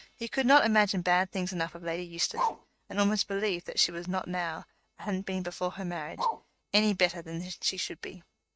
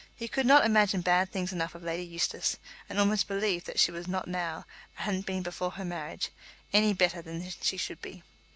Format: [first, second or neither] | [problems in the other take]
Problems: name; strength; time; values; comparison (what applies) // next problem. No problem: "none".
second | noise reduction (neural mask model RNNoise)